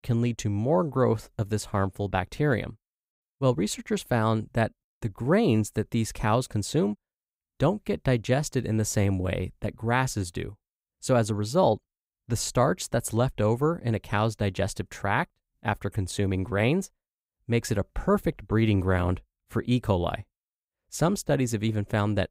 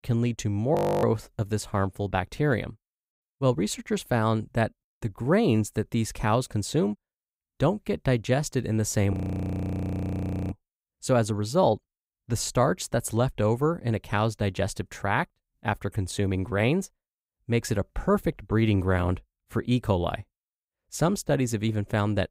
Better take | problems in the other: first | audio freezing; at 1 s and at 9 s for 1.5 s

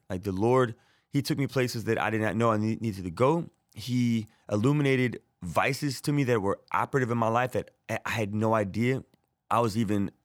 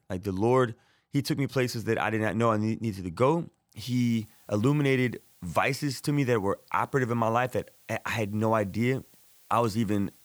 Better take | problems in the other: first | hiss; faint; from 4 s on; 30 dB below the speech

